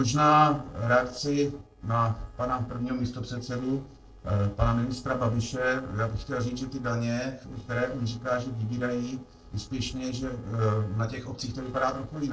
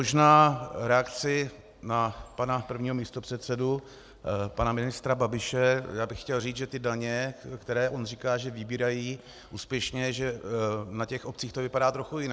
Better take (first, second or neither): second